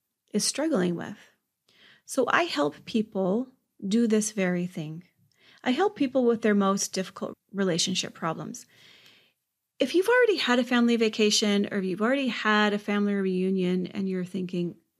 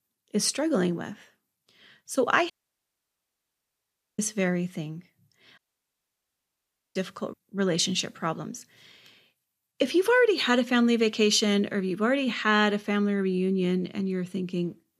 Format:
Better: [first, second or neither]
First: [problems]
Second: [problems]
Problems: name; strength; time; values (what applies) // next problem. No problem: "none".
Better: first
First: none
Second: audio cutting out; at 2.5 s for 1.5 s and at 5.5 s for 1.5 s